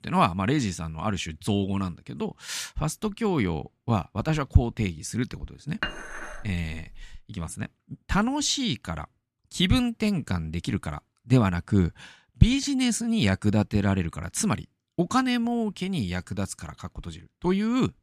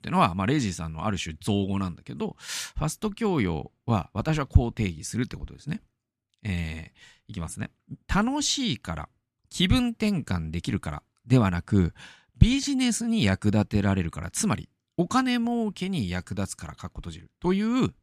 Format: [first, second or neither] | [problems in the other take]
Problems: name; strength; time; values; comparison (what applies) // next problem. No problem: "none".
second | clattering dishes; noticeable; from 6 to 7 s; peak 6 dB below the speech